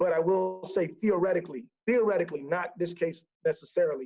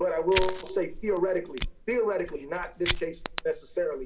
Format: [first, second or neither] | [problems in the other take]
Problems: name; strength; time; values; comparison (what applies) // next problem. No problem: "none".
first | background sound (Fire); 6 dB below the speech // room echo; dies away in 0.3 s